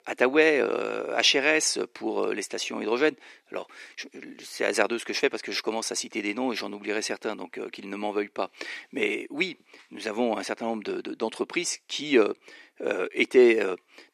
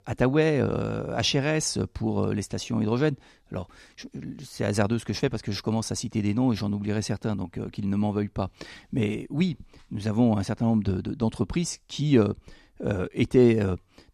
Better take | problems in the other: second | thin; somewhat; fading below 350 Hz

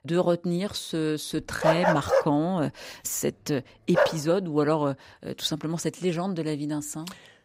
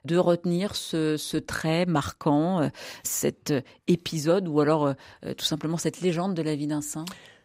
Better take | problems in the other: second | dog barking; loud; from 1.5 to 4 s; peak 4 dB above the speech

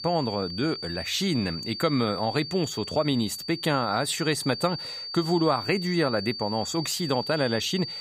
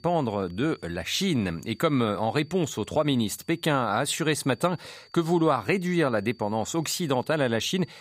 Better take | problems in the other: second | high-pitched whine; loud; throughout; 4.5 kHz, 7 dB below the speech; faint in the second

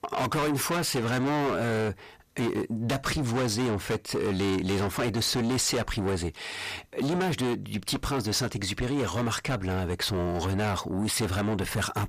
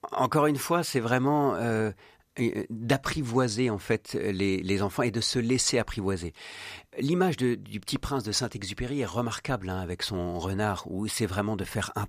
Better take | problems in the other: second | distortion; heavy; 6 dB below the speech

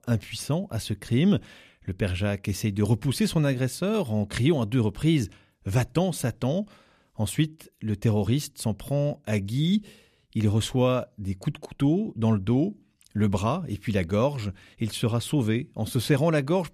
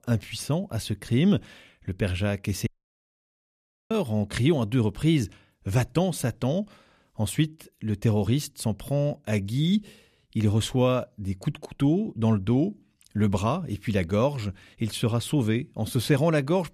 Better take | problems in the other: first | audio cutting out; at 2.5 s for 1 s

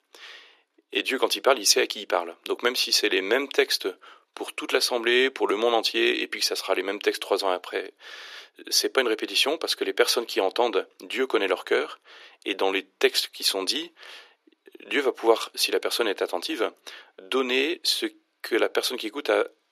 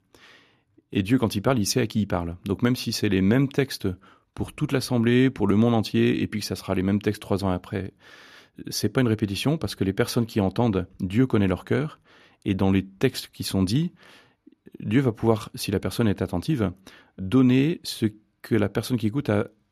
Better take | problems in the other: second | thin; very; fading below 350 Hz

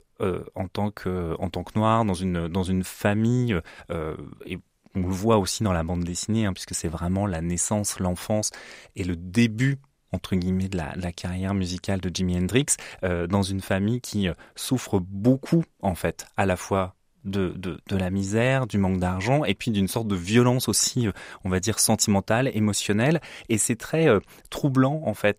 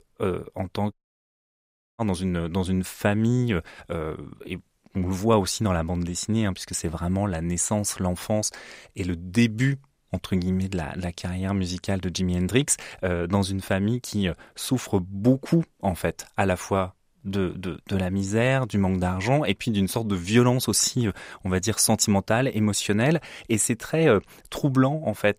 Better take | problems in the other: first | audio cutting out; at 1 s for 1 s

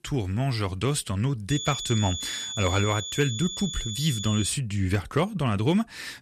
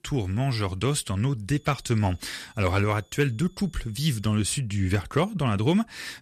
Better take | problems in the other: second | high-pitched whine; loud; from 1.5 to 4.5 s; 3.5 kHz, 5 dB below the speech; faint in the second

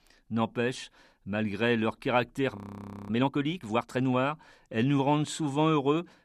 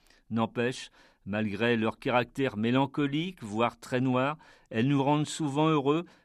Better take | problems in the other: second | audio freezing; at 2.5 s for 0.5 s

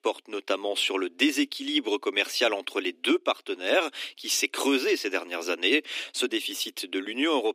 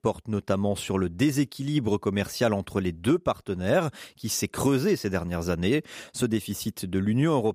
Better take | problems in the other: second | thin; very slightly; fading below 250 Hz

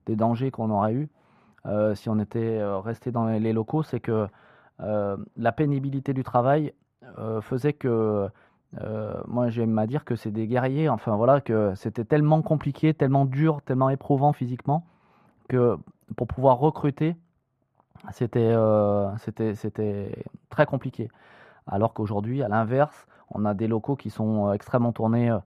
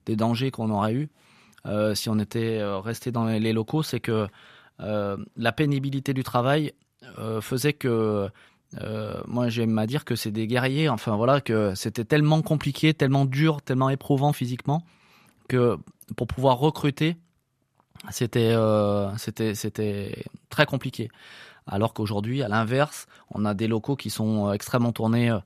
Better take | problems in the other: second | muffled; very; fading above 2.5 kHz

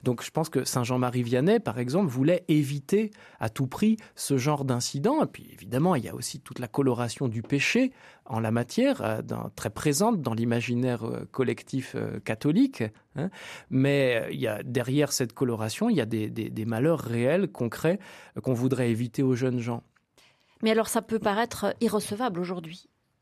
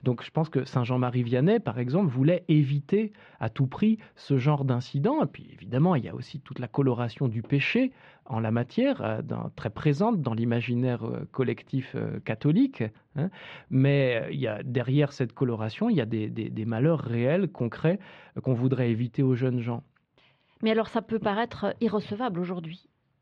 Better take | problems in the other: first | muffled; slightly; fading above 3.5 kHz

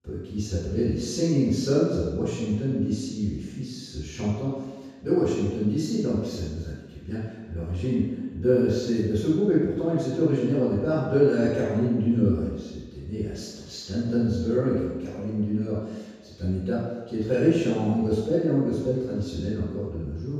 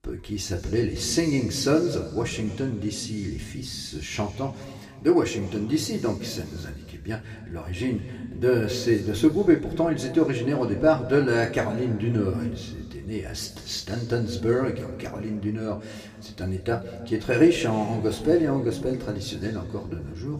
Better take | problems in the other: second | room echo; strong; dies away in 1.2 s; slight in the second // off-mic speech; far; somewhat distant in the second

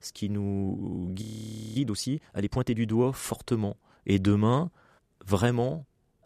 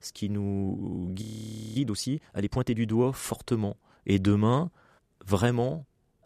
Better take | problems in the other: neither | audio freezing; at 1 s for 0.5 s; the same in both

